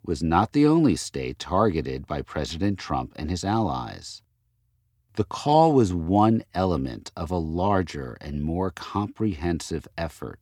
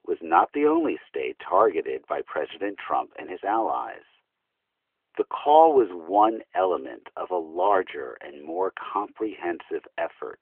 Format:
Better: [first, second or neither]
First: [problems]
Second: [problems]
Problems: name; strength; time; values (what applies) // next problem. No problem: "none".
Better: first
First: none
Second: phone-call audio; nothing above 3.5 kHz